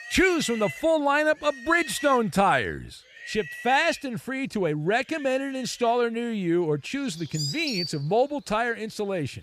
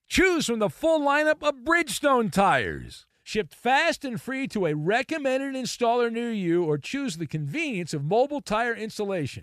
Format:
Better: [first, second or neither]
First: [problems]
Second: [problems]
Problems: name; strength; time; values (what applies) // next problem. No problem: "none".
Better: second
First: animal sounds; noticeable; throughout; 10 dB below the speech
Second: none